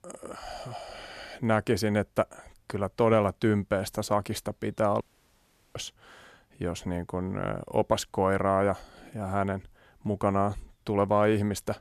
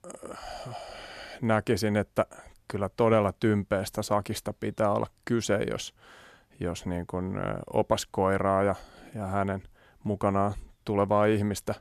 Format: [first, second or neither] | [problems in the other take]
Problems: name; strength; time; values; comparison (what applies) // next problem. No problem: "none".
second | audio cutting out; at 5 s for 0.5 s